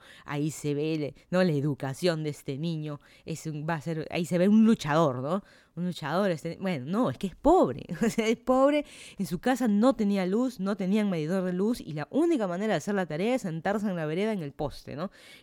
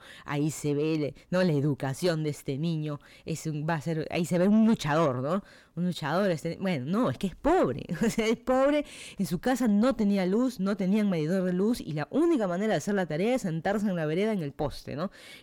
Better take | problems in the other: first | distortion; slight; 10 dB below the speech

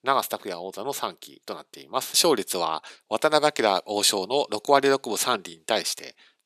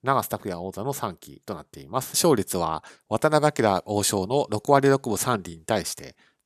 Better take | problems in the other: second | thin; very slightly; fading below 350 Hz

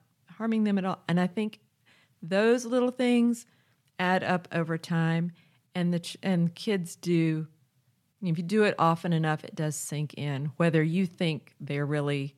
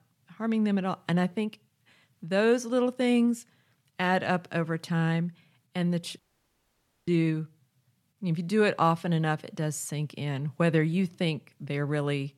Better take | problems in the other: first | audio cutting out; at 6 s for 1 s

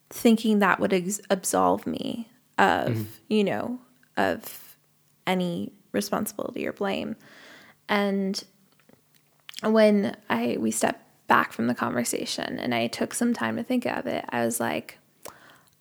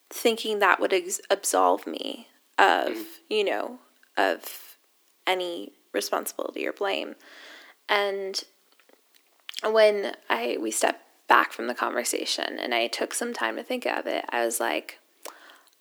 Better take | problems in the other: first | thin; somewhat; fading below 300 Hz

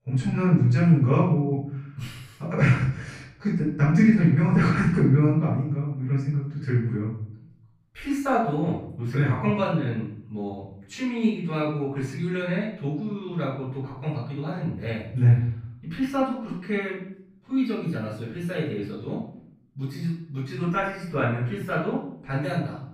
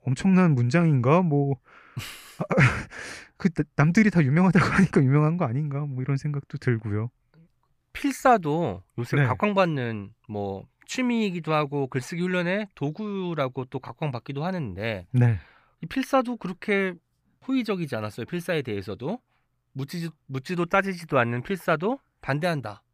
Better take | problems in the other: second | off-mic speech; far // room echo; noticeable; dies away in 0.7 s

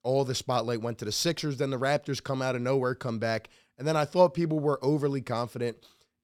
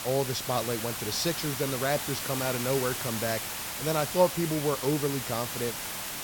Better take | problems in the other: first | hiss; loud; throughout; 3 dB below the speech

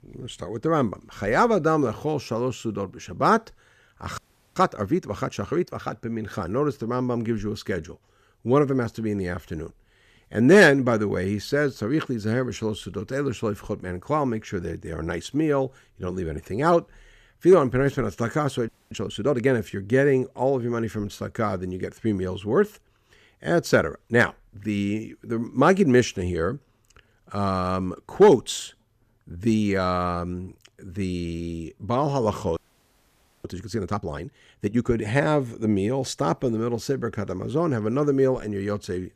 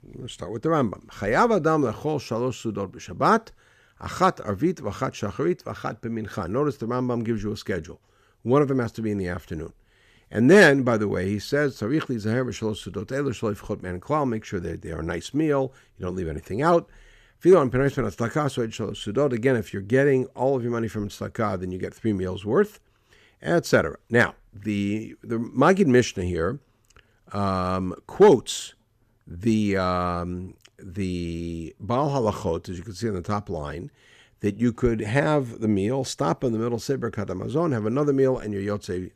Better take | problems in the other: second | audio freezing; at 4 s, at 19 s and at 33 s for 1 s

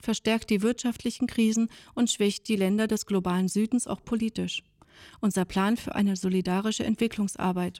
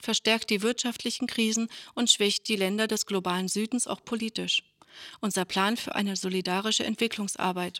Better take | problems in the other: first | thin; very slightly; fading below 500 Hz

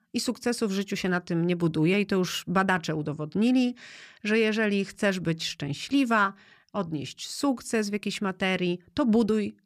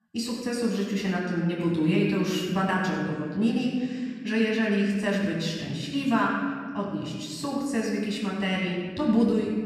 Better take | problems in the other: first | off-mic speech; far // room echo; noticeable; dies away in 1.6 s

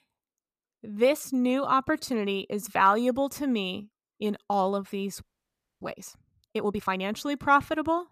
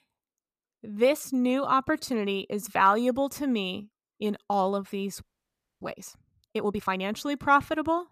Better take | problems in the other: neither | audio freezing; at 5 s for 0.5 s; the same in both

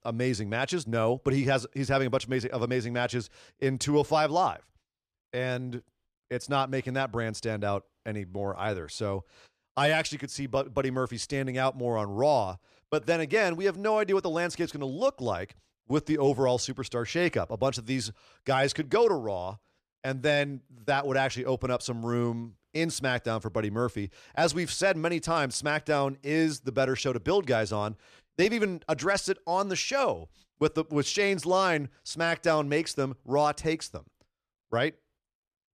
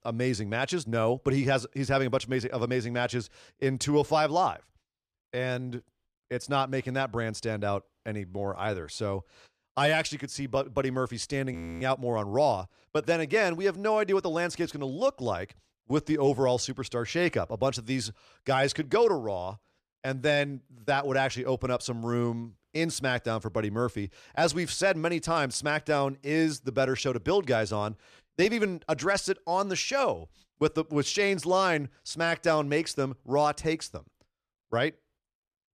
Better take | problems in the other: first | audio freezing; at 12 s

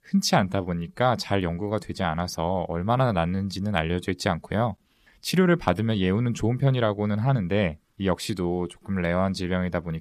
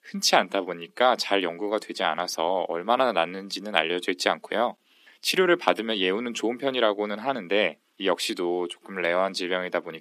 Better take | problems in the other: first | thin; somewhat; fading below 250 Hz

